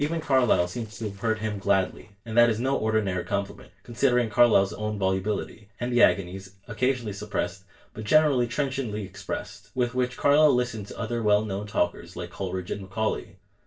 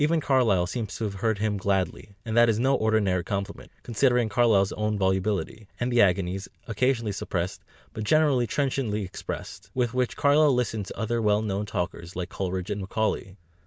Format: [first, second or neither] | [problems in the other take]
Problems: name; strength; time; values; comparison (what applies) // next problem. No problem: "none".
second | noise reduction (neural separator model SepFormer DNS4)